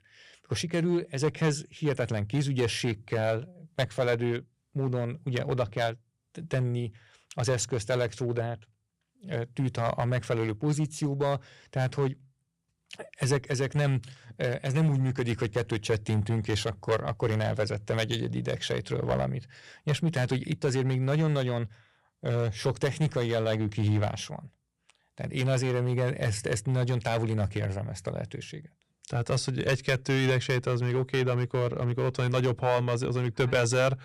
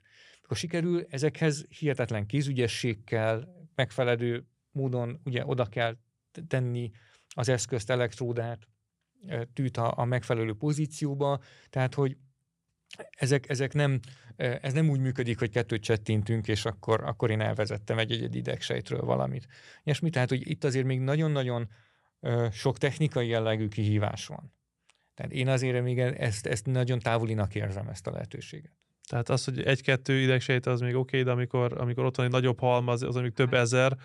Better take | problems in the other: second | distortion; slight; 4% of the sound clipped

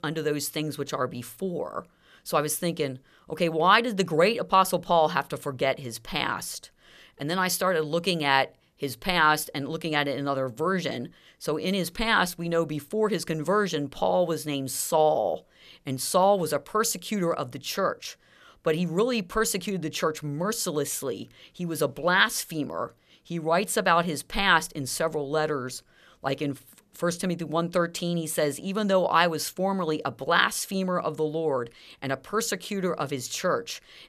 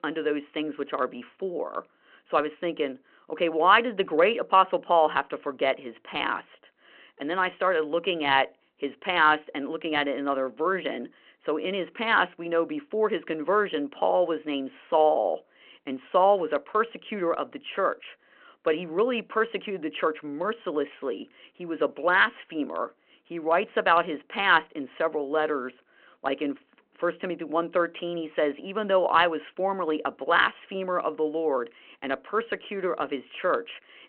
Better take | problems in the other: first | phone-call audio

